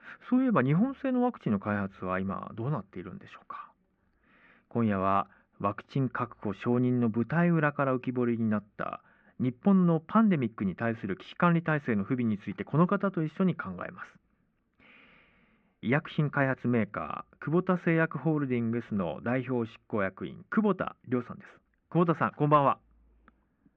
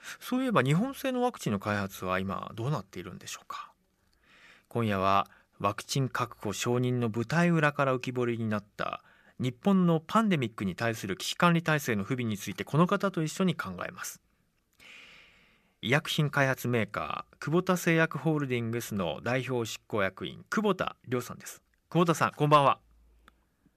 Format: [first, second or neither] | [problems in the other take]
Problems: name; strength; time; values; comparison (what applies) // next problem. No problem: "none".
second | muffled; very; fading above 2 kHz